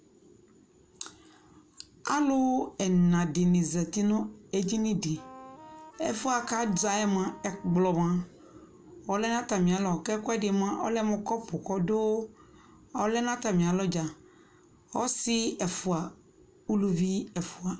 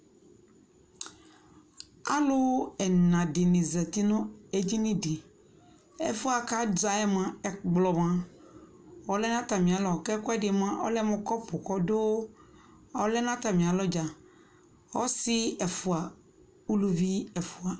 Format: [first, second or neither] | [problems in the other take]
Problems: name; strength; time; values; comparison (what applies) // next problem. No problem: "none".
second | background sound (Wind instrument, woodwind instrument); 19 dB below the speech